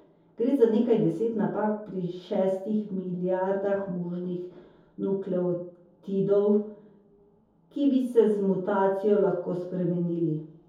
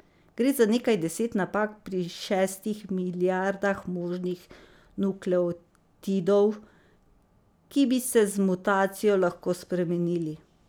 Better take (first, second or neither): second